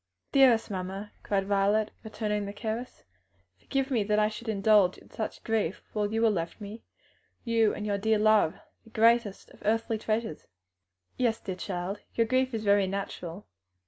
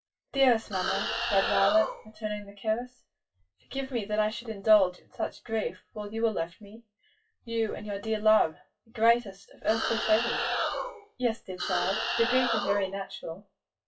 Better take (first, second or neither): first